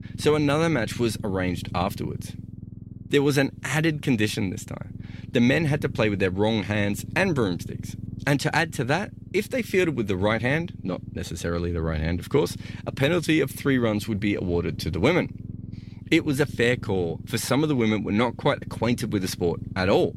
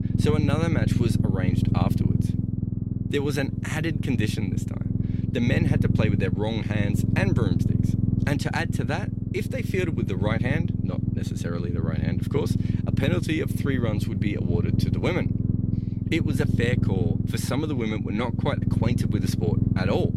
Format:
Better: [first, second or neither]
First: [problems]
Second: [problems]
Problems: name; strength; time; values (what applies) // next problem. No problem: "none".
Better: first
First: low rumble; faint; throughout; 20 dB below the speech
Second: low rumble; loud; throughout; 4 dB below the speech